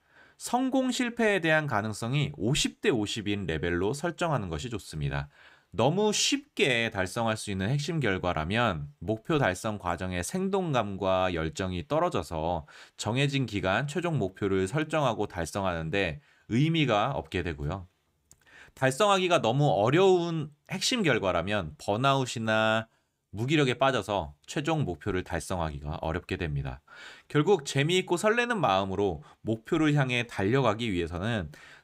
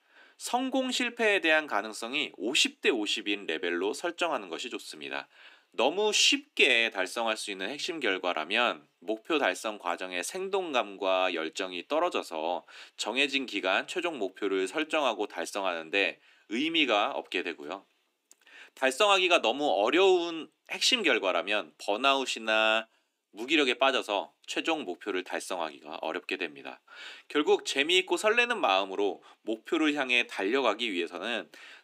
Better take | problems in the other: first | thin; somewhat; fading below 250 Hz

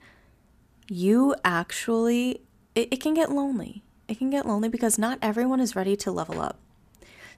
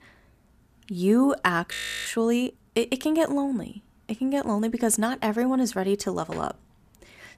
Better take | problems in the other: first | audio freezing; at 1.5 s

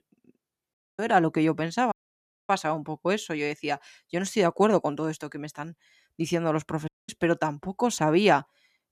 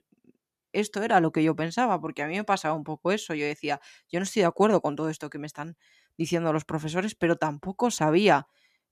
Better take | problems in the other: second | audio cutting out; at 0.5 s, at 2 s for 0.5 s and at 7 s

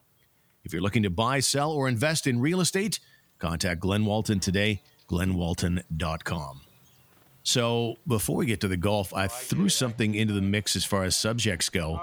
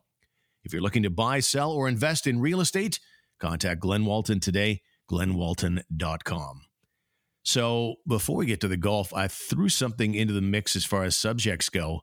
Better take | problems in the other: second | animal sounds; faint; throughout; 25 dB below the speech

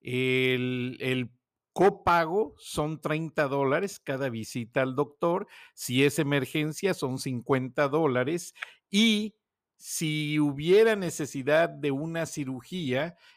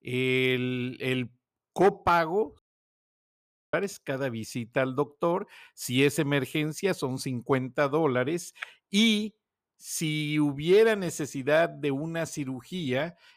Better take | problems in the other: first | audio cutting out; at 2.5 s for 1 s

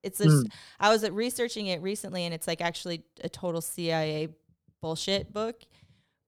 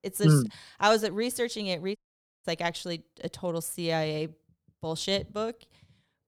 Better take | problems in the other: first | audio cutting out; at 2 s

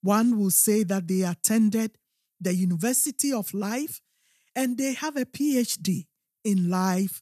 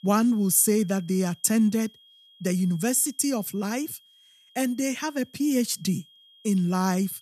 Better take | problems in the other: first | high-pitched whine; faint; throughout; 3.5 kHz, 30 dB below the speech

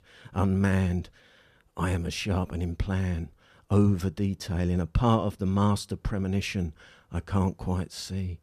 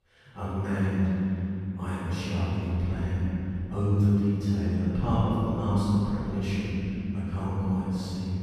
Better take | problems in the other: first | room echo; strong; dies away in 3 s // off-mic speech; far

